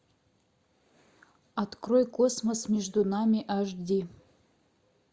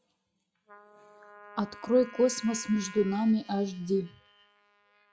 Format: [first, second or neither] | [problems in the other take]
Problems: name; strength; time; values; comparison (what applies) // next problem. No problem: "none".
first | noise reduction (classical method log-MMSE)